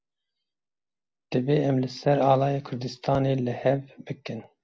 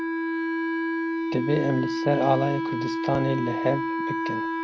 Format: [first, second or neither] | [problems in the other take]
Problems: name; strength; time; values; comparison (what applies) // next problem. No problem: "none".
first | background sound (Wind instrument, woodwind instrument); as loud as the speech